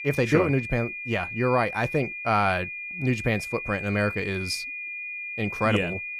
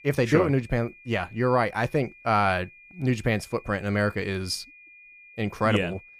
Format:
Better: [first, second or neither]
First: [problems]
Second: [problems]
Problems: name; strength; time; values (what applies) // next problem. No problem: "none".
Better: second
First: high-pitched whine; loud; throughout; 2.5 kHz, 7 dB below the speech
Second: high-pitched whine; faint; throughout; 2.5 kHz, 25 dB below the speech